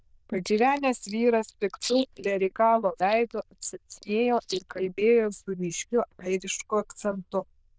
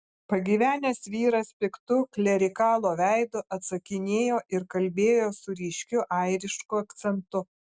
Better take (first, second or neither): second